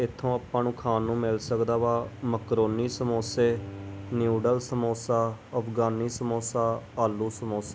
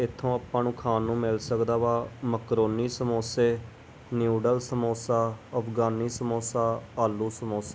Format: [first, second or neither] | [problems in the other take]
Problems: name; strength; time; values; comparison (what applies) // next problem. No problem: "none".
second | background sound (Bowed string instrument); 19 dB below the speech